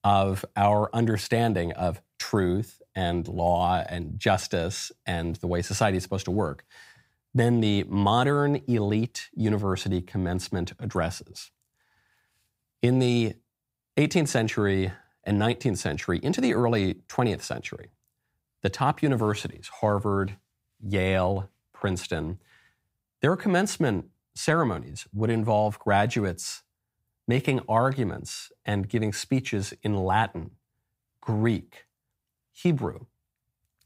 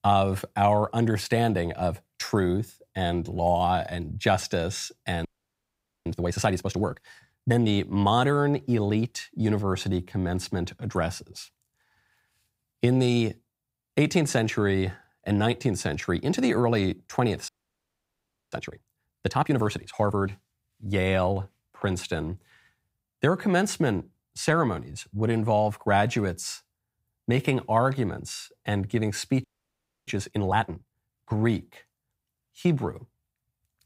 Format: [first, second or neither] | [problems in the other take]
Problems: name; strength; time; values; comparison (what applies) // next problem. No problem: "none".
first | audio freezing; at 5.5 s for 1 s, at 17 s for 1 s and at 29 s for 0.5 s